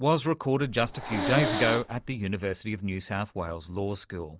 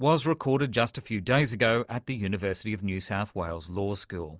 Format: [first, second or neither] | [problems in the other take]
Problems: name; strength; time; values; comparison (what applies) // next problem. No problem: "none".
second | background sound (Hiss); 3 dB below the speech